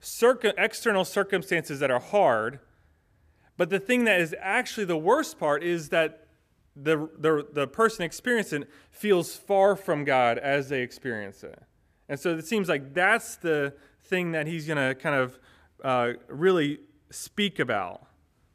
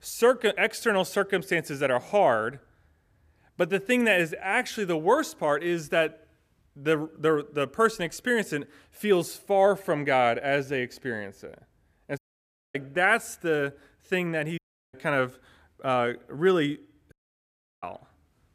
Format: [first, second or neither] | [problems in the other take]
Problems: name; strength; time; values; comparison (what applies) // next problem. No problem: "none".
first | audio cutting out; at 12 s for 0.5 s, at 15 s and at 17 s for 0.5 s